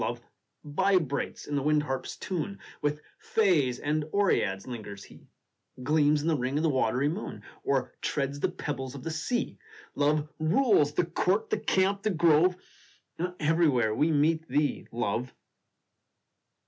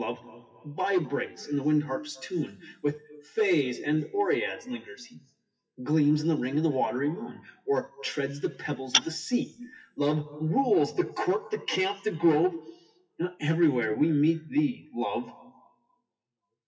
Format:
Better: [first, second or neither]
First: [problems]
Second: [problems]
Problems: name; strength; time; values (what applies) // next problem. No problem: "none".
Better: first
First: none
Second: noise reduction (classical method WPE with log-MMSE)